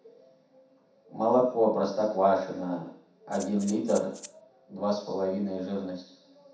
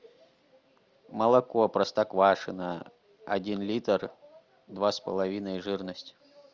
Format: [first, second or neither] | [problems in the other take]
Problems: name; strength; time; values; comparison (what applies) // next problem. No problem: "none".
second | background sound (Rattle (instrument)); 16 dB below the speech // room echo; dies away in 0.7 s